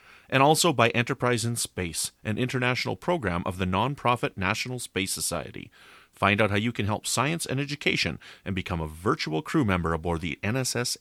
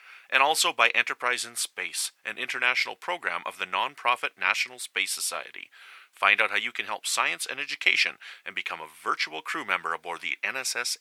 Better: first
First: none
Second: thin; very; fading below 750 Hz

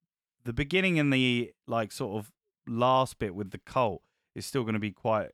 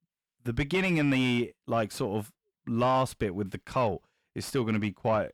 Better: first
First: none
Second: distortion; slight; 10 dB below the speech

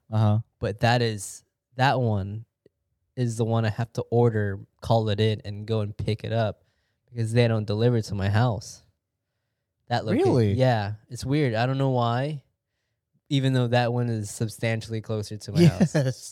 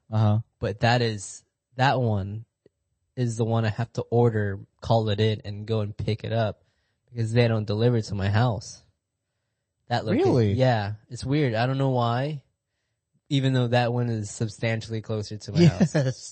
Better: first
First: none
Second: garbled, watery; slightly; nothing above 8 kHz

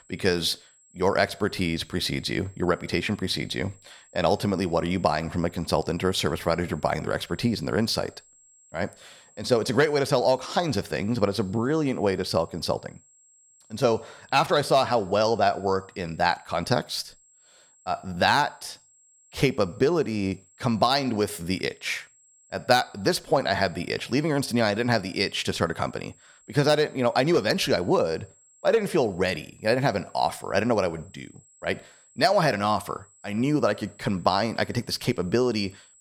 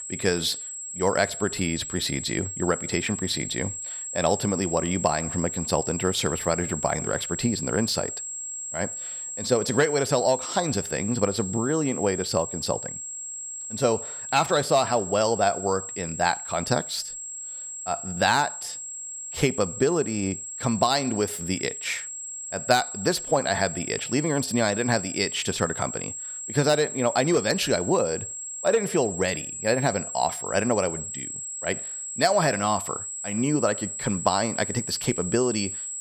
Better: first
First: high-pitched whine; faint; throughout; 7.5 kHz, 30 dB below the speech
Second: high-pitched whine; loud; throughout; 7.5 kHz, 6 dB below the speech

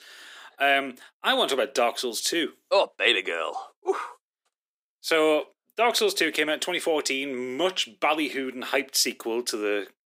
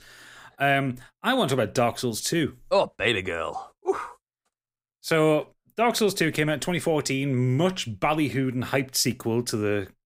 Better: second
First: thin; somewhat; fading below 300 Hz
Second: none

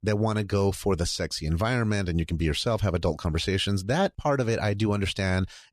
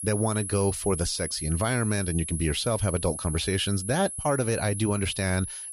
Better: first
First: none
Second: high-pitched whine; loud; throughout; 10.5 kHz, 6 dB below the speech

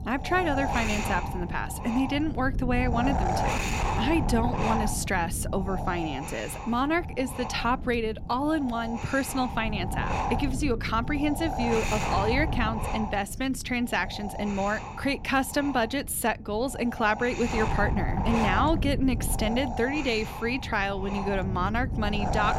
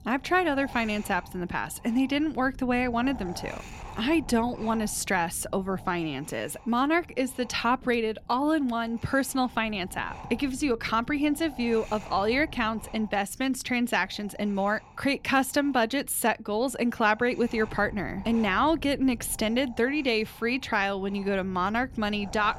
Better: second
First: wind noise on the microphone; heavy; 4 dB below the speech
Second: wind noise on the microphone; occasional gusts; 20 dB below the speech

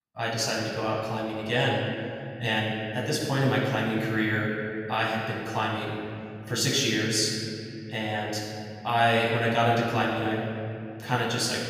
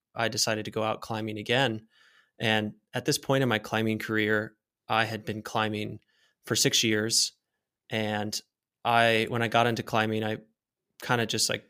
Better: second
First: off-mic speech; far // room echo; noticeable; dies away in 2.8 s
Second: none

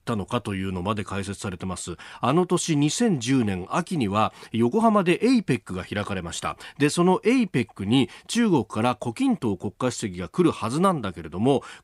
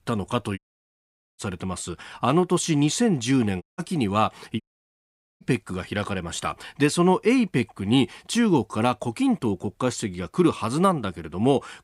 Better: first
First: none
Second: audio cutting out; at 0.5 s for 1 s, at 3.5 s and at 4.5 s for 1 s

